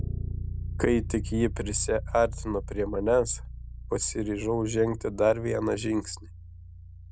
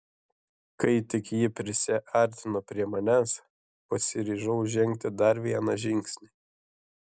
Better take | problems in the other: second | background sound (Bass guitar); 8 dB below the speech

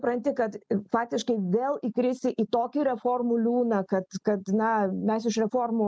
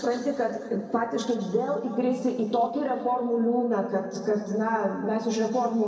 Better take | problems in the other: first | room echo; dies away in 2 s

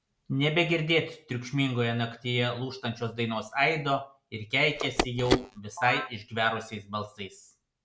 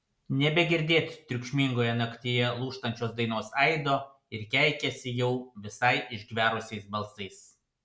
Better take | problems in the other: second | background sound (Telephone); 4 dB below the speech

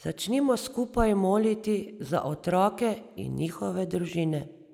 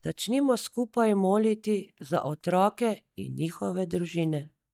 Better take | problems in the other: first | noise reduction (neural mask model DeepFilterNet 3)

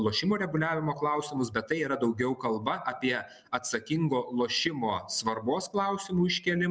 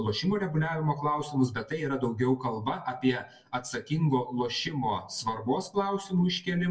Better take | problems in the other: first | room echo; dies away in 0.1 s

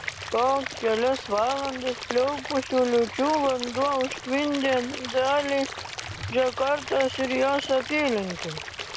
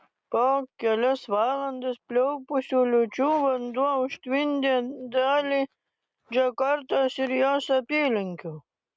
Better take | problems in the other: second | background sound (Stream / Liquid); 10 dB below the speech

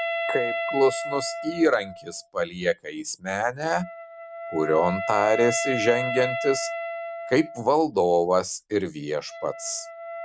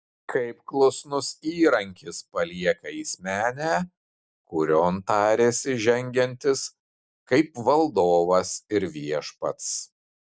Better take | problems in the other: second | background sound (Wind instrument, woodwind instrument); 7 dB below the speech

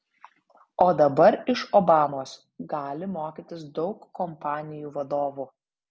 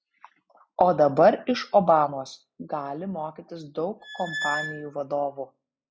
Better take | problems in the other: first | noise reduction (classical method log-MMSE)

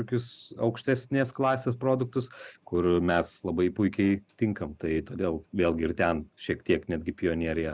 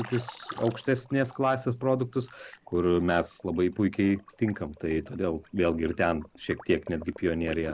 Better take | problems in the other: first | background sound (Liquid); 20 dB below the speech

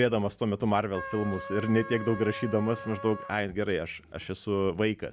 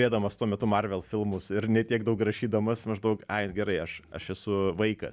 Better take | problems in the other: second | background sound (Trumpet); 12 dB below the speech

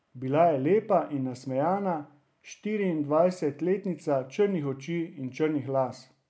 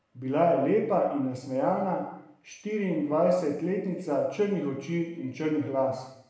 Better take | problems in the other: first | room echo; dies away in 0.8 s

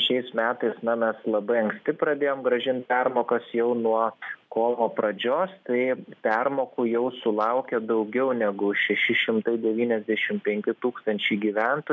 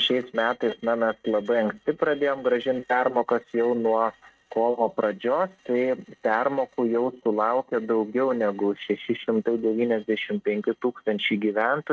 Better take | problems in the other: first | noise reduction (neural mask model RNNoise)

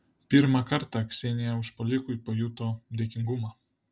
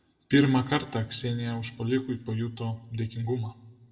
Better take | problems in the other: first | room echo; dies away in 1.3 s

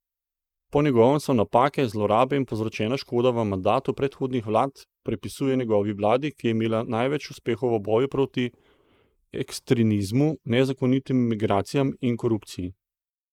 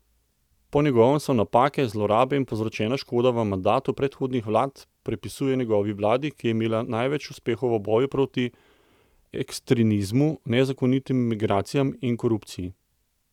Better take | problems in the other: second | noise reduction (neural mask model Resemble Enhance denoiser)

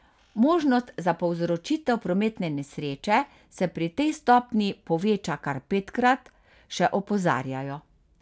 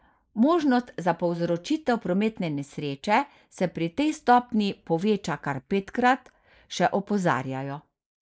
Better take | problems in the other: first | noise reduction (neural mask model Resemble Enhance denoiser)

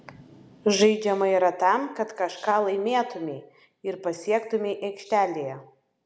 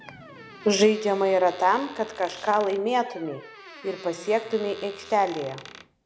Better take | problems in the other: first | background sound (Squeak); 19 dB below the speech

